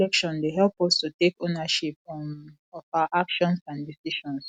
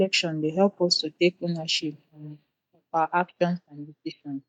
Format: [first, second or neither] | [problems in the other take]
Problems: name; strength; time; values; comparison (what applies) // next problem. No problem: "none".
first | noise reduction (neural mask model DeepFilterNet 3)